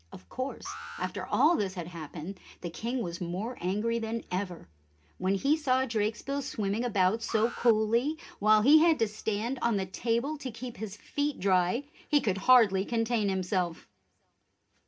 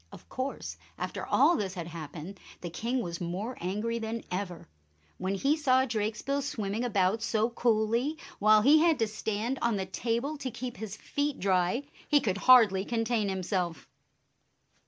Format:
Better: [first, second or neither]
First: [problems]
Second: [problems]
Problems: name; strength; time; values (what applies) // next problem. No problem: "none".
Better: second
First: background sound (Alarm); 17 dB below the speech // room echo; dies away in 0.3 s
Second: none